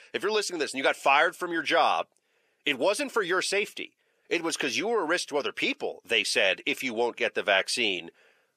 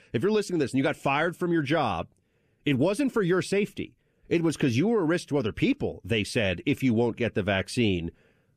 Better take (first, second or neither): second